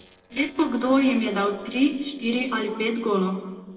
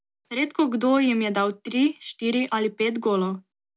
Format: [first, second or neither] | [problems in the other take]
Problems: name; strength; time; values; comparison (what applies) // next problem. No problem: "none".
second | noise reduction (neural separator model SepFormer DNS4)